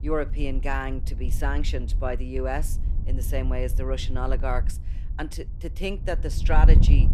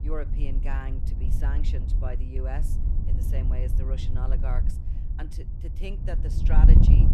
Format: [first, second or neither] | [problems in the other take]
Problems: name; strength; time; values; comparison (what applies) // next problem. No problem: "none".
first | wind noise on the microphone; heavy; 2 dB below the speech; occasional gusts in the first